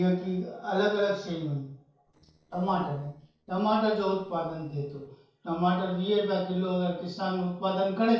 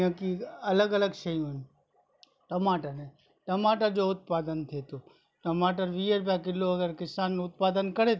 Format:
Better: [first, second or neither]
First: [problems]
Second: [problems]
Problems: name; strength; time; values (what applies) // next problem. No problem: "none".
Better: second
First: noise reduction (neural separator model SepFormer DNS4)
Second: none